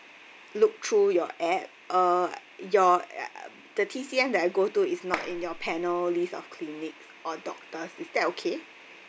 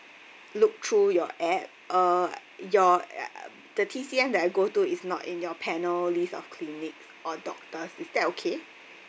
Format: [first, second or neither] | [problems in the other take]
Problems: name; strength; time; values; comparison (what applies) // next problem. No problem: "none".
second | background sound (Clapping); 11 dB below the speech